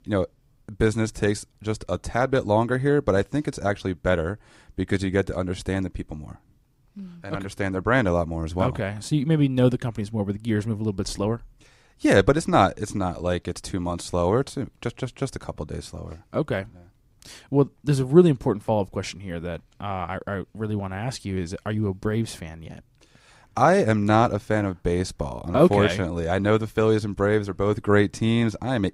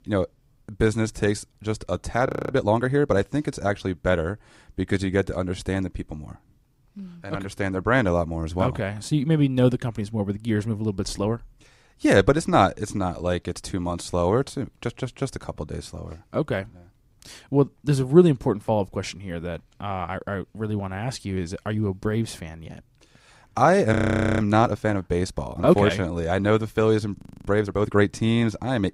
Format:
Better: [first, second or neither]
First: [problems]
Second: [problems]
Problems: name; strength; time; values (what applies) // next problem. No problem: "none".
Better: first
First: none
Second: audio freezing; at 2.5 s, at 24 s and at 27 s